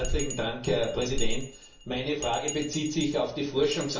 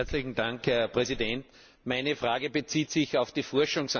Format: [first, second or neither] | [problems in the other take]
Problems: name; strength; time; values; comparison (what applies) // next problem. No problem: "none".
second | background sound (Bell); 14 dB below the speech // room echo; dies away in 0.4 s